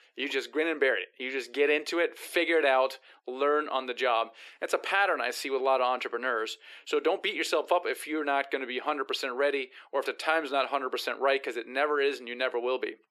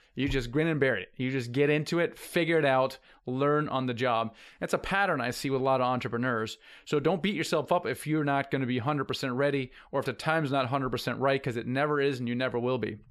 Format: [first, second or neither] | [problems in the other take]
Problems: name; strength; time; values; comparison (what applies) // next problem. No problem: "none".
second | thin; somewhat; fading below 350 Hz